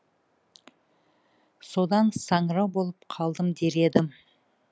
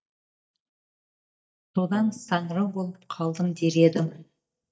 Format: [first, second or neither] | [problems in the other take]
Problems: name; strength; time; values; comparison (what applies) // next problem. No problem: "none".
first | noise reduction (neural mask model DeepFilterNet 3)